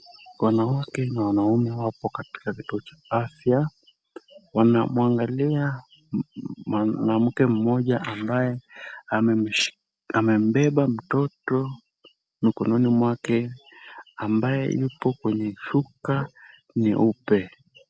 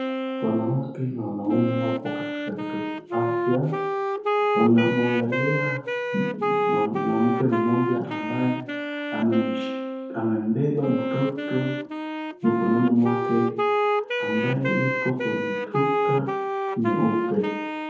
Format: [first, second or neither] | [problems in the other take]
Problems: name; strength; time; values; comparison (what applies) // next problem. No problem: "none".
first | background sound (Wind instrument, woodwind instrument); 1 dB below the speech // room echo; dies away in 0.9 s